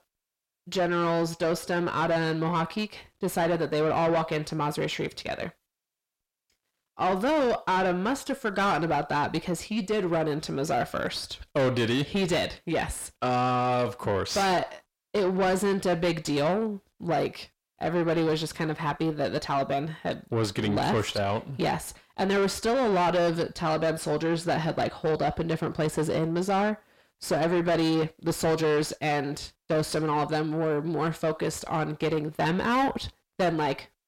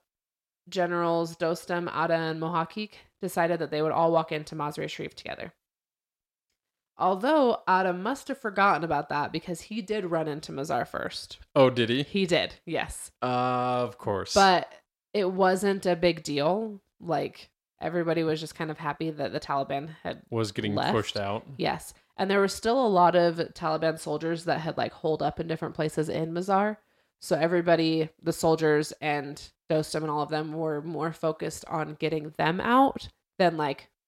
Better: second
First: distortion; heavy; 6 dB below the speech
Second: none

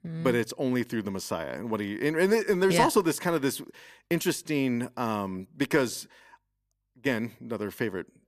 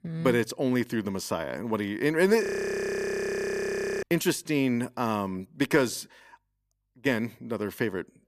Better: first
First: none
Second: audio freezing; at 2.5 s for 1.5 s

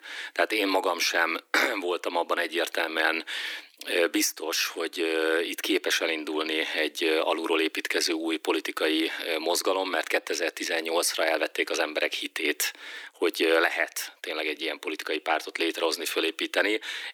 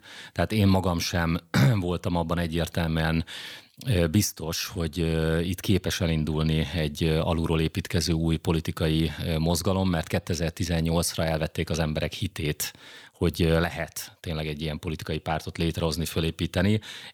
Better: second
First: thin; very; fading below 300 Hz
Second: none

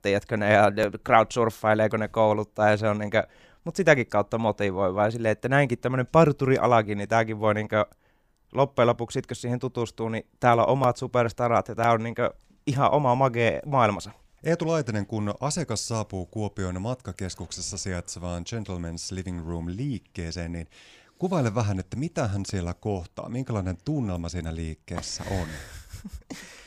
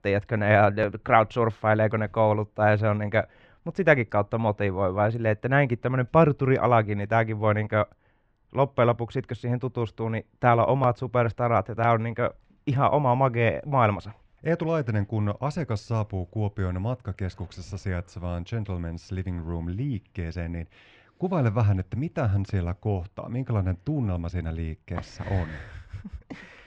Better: first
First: none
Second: muffled; slightly; fading above 2.5 kHz

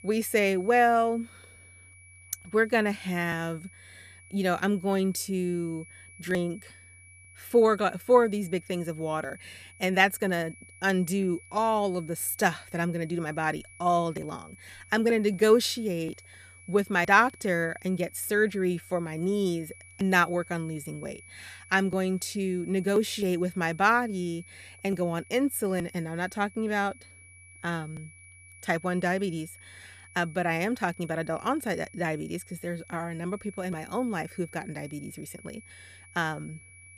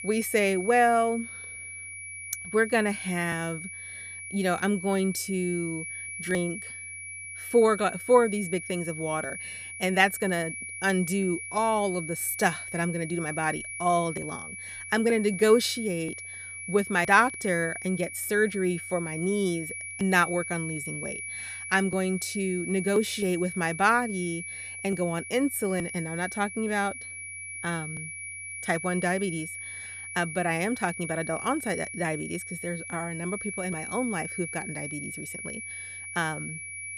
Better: first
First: high-pitched whine; faint; throughout; 2.5 kHz, 20 dB below the speech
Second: high-pitched whine; loud; throughout; 2.5 kHz, 8 dB below the speech

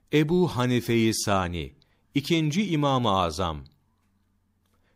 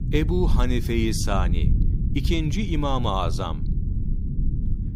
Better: first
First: none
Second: low rumble; noticeable; throughout; 10 dB below the speech

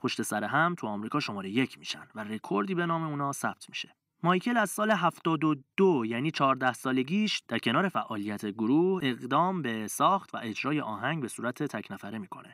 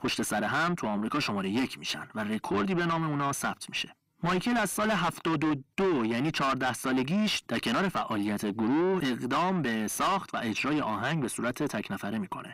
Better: first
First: none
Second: distortion; heavy; 6 dB below the speech

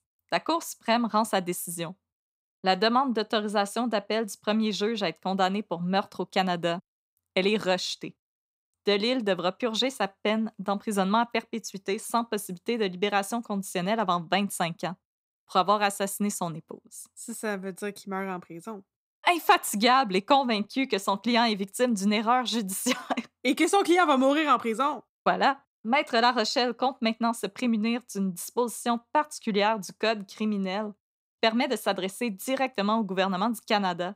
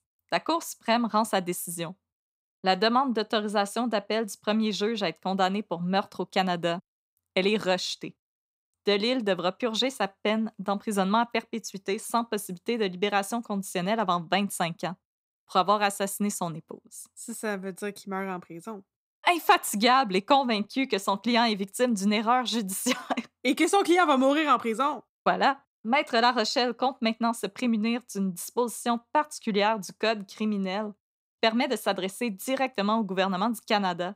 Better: neither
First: none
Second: none

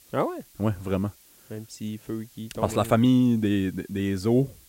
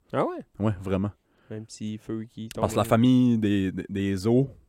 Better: second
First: hiss; faint; throughout; 25 dB below the speech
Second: none

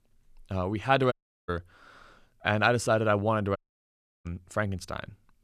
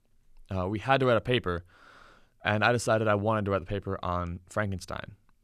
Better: second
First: audio cutting out; at 1 s and at 3.5 s for 0.5 s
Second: none

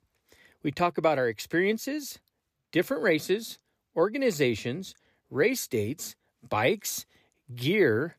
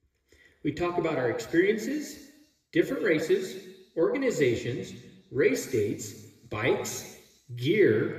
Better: first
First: none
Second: room echo; slight; dies away in 1.2 s // off-mic speech; somewhat distant

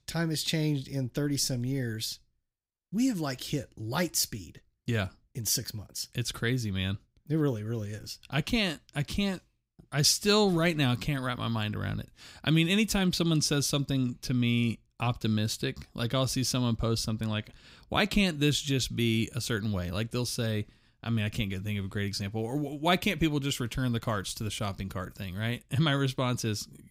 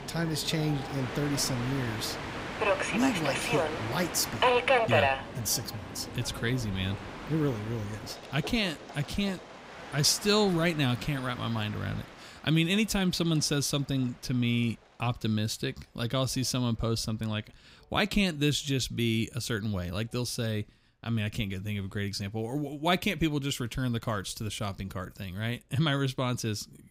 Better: first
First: none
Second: train or aircraft noise; loud; throughout; 3 dB below the speech

